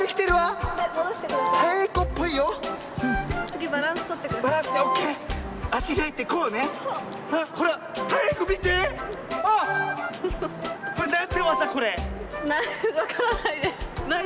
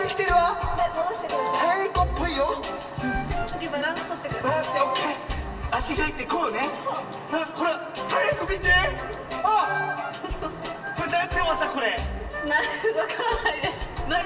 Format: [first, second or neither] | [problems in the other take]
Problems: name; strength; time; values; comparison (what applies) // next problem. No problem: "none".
first | room echo; dies away in 1 s